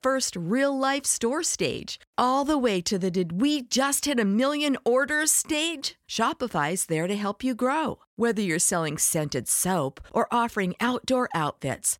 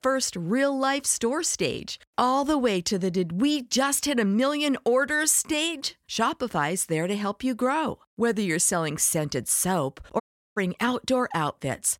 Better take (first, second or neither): first